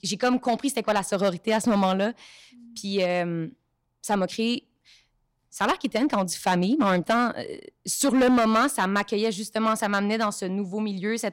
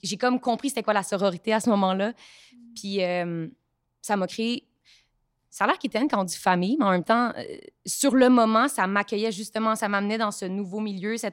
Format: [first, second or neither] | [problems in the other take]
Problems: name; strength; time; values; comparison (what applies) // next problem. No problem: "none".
second | distortion; slight; 5% of the sound clipped